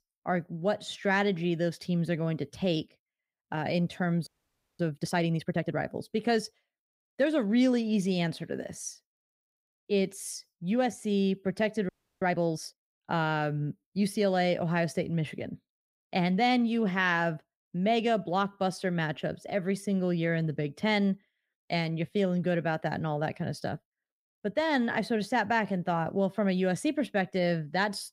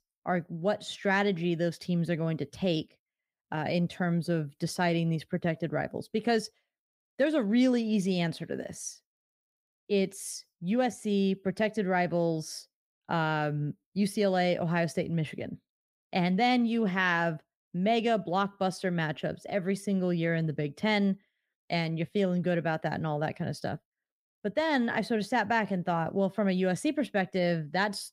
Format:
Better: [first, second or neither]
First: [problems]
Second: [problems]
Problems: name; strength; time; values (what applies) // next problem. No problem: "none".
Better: second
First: audio freezing; at 4.5 s for 0.5 s and at 12 s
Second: none